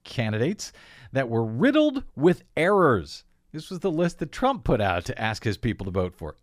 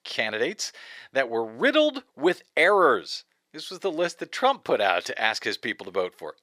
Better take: first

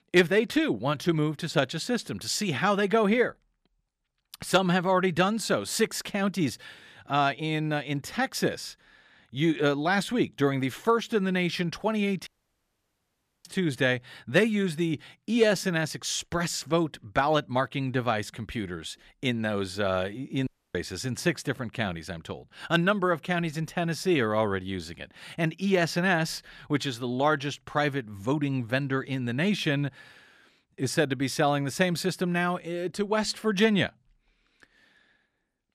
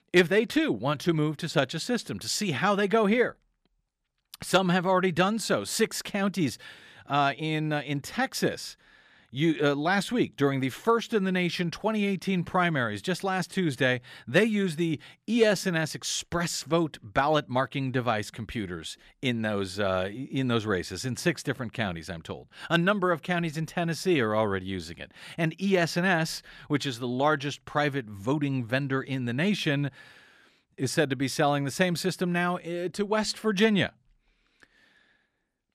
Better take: second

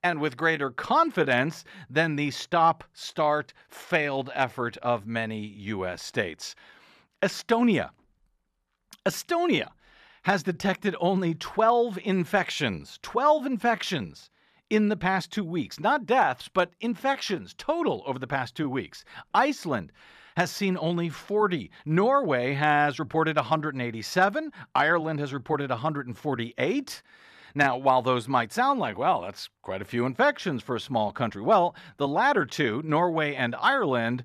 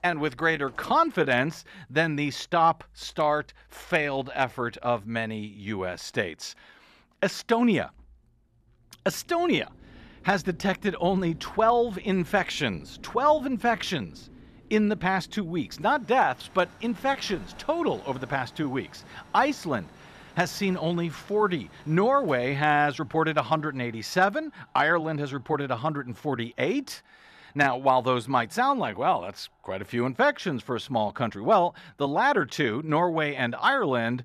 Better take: first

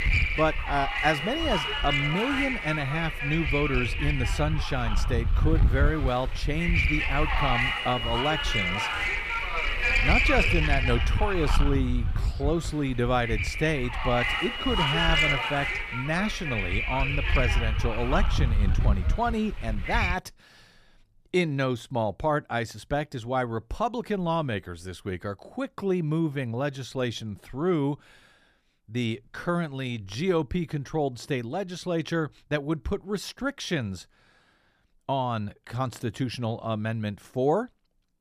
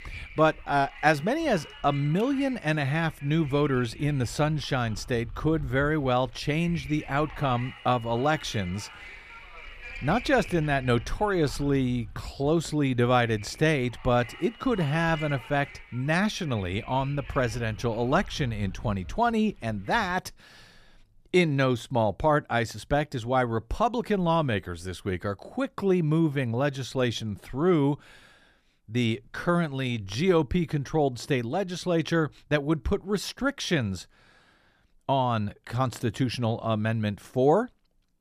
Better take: second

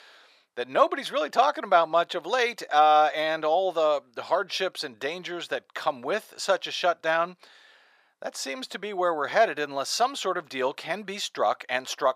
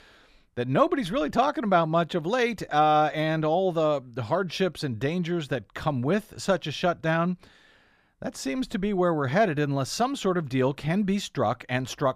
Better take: second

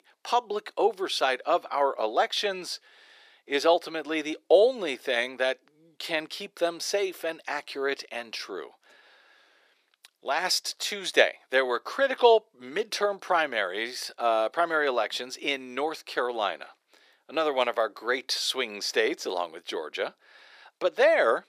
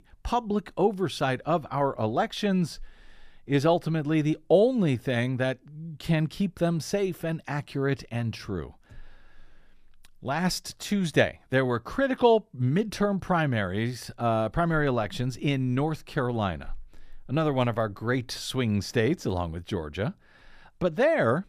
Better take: second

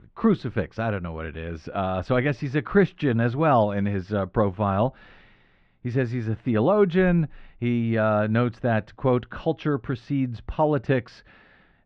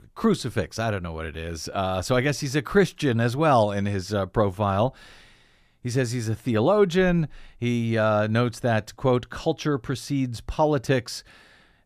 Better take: second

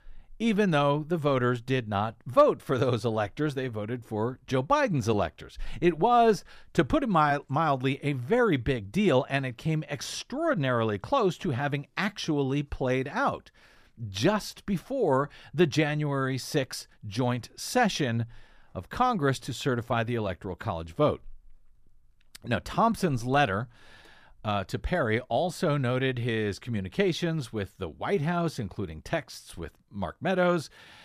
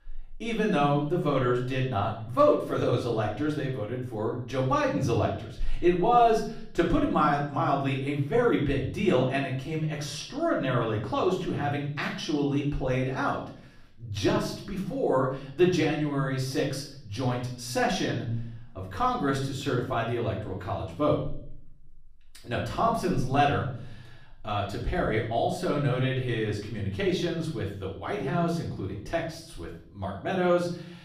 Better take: first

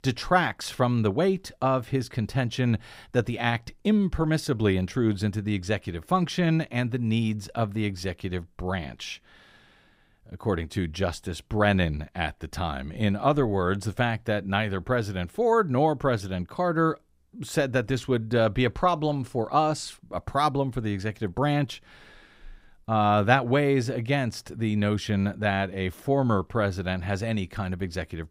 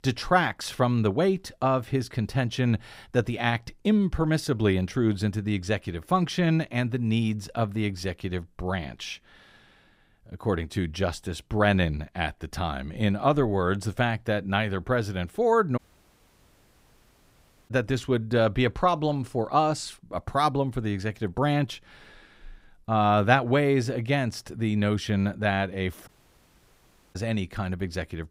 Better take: first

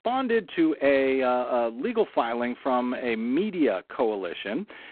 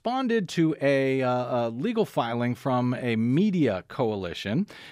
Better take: second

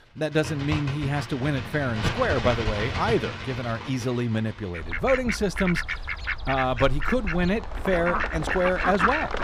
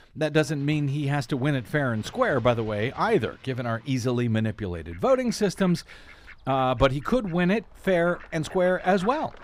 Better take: second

